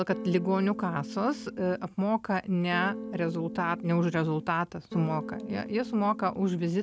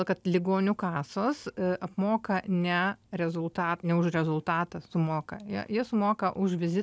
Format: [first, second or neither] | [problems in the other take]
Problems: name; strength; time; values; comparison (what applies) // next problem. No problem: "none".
second | background sound (Electric guitar / Strum); 10 dB below the speech